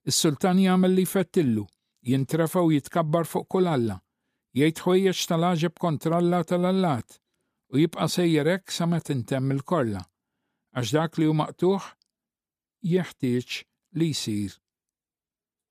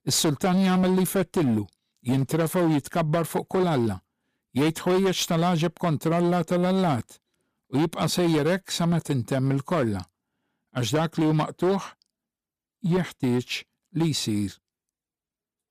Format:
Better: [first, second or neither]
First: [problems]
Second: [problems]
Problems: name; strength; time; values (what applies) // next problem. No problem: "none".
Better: first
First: none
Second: distortion; slight; 13% of the sound clipped